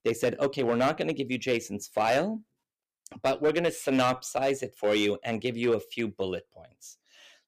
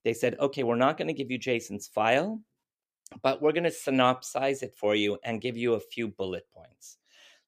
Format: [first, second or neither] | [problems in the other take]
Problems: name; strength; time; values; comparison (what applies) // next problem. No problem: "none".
second | distortion; slight; 3% of the sound clipped